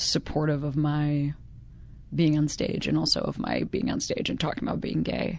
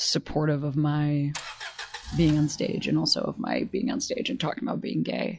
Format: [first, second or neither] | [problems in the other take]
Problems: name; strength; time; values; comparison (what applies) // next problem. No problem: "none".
first | noise reduction (classical method log-MMSE)